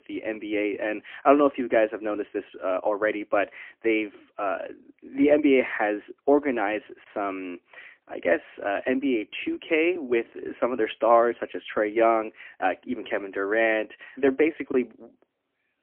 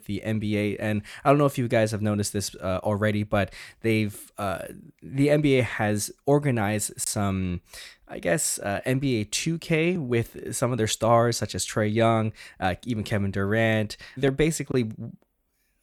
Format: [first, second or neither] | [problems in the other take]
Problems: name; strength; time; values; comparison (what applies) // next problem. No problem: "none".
second | phone-call audio; poor line; nothing above 3 kHz